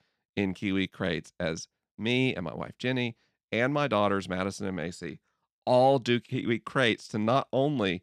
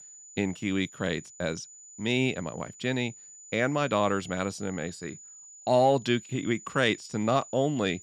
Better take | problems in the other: first | high-pitched whine; noticeable; throughout; 7 kHz, 20 dB below the speech

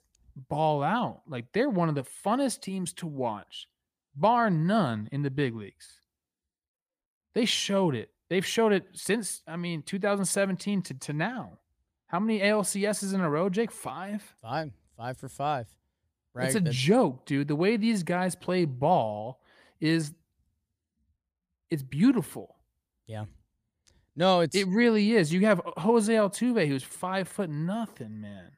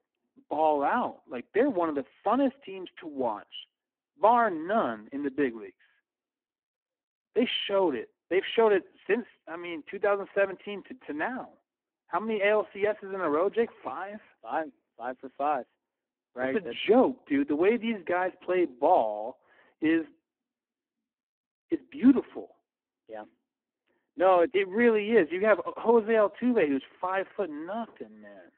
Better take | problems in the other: first | phone-call audio; poor line

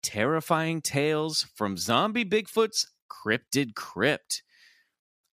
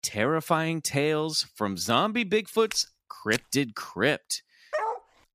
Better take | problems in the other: first | footsteps; faint; at 2.5 s; peak 10 dB below the speech // dog barking; noticeable; at 4.5 s; peak 4 dB below the speech

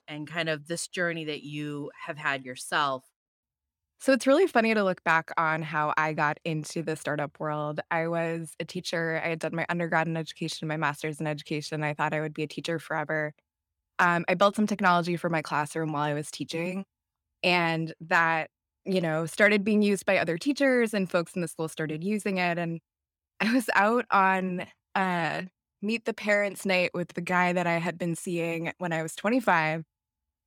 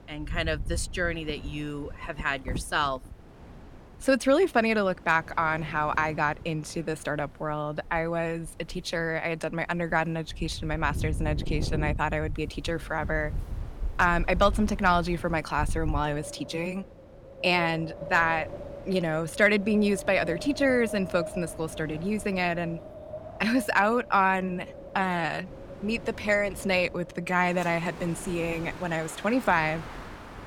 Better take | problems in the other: first | wind in the background; noticeable; throughout; 10 dB below the speech

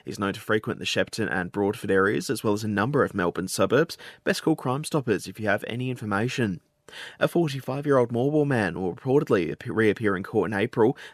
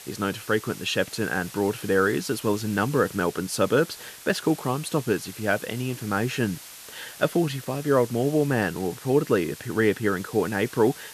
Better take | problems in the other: first | hiss; noticeable; throughout; 15 dB below the speech

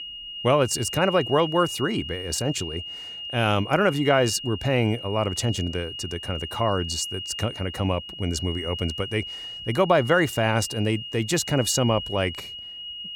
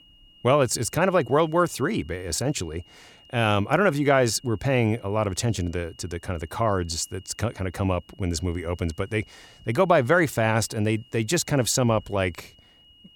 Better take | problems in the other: second | high-pitched whine; loud; throughout; 3 kHz, 9 dB below the speech; faint in the second

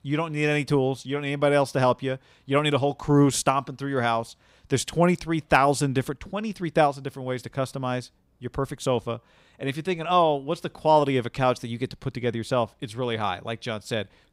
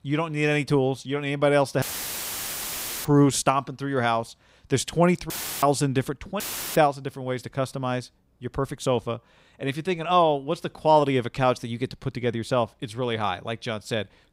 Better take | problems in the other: first | audio cutting out; filled with static; at 2 s for 1 s, at 5.5 s and at 6.5 s

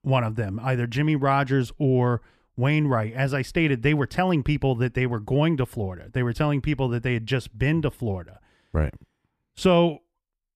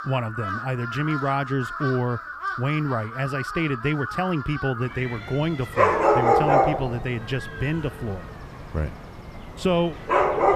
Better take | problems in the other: first | animal sounds; very loud; throughout; 1 dB above the speech

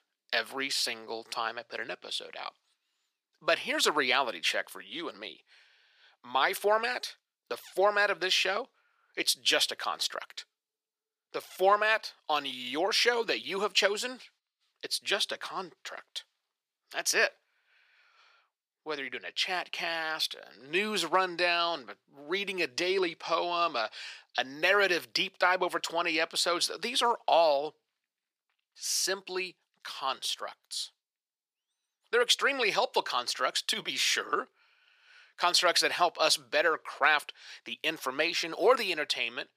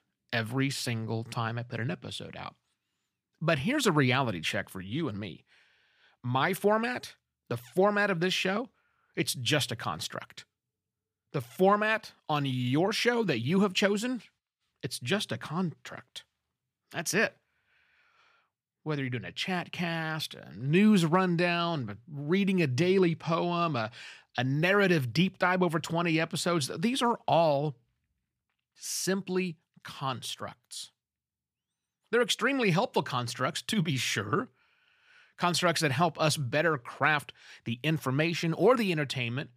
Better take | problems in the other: second | thin; very; fading below 450 Hz

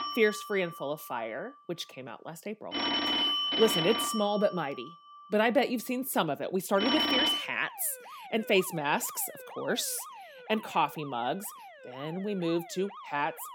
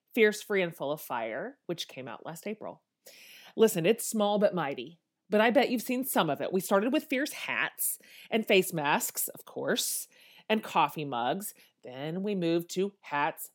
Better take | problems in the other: second | alarms or sirens; very loud; throughout; 2 dB above the speech

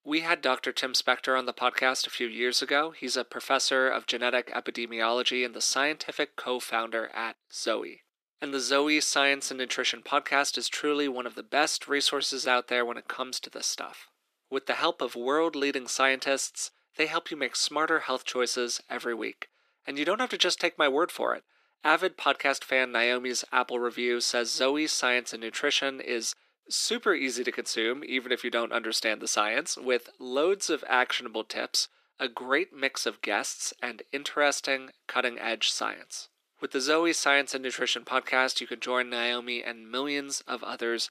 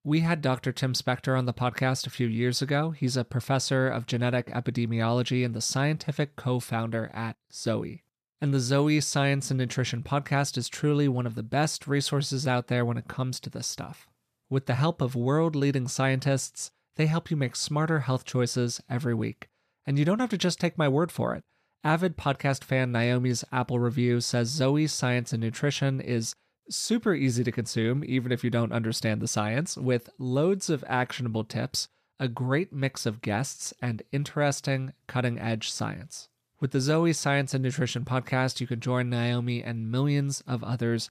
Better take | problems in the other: second | thin; very; fading below 300 Hz

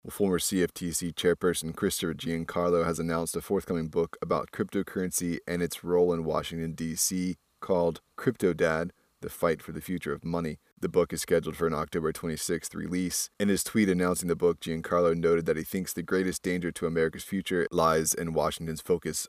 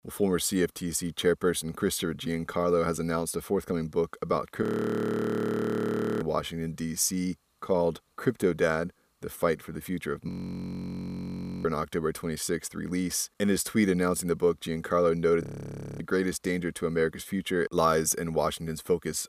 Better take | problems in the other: first | audio freezing; at 4.5 s for 1.5 s, at 10 s for 1.5 s and at 15 s for 0.5 s

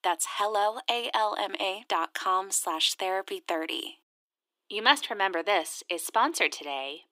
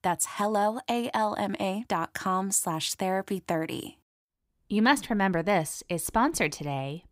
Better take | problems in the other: second | thin; very; fading below 350 Hz

